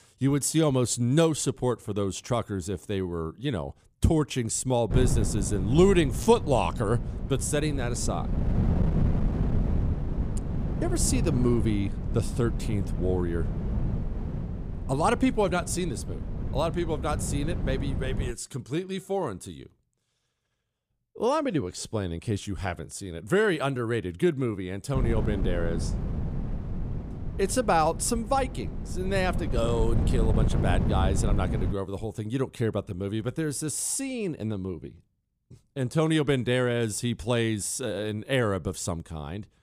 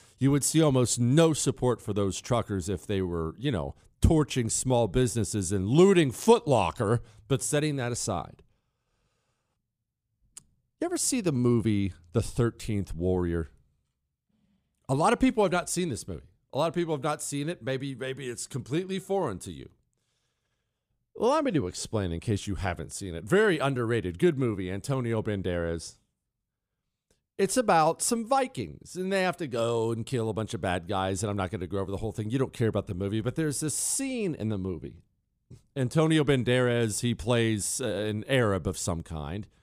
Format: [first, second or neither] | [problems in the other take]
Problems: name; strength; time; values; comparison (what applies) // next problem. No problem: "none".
second | wind noise on the microphone; occasional gusts; from 5 to 18 s and from 25 to 32 s; 10 dB below the speech